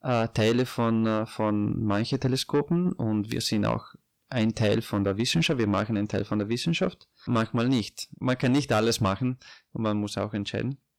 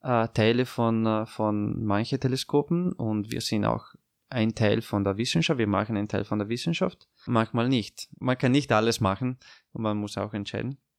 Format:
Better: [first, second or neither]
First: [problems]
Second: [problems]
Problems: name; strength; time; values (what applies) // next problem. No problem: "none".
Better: second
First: distortion; slight; 10 dB below the speech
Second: none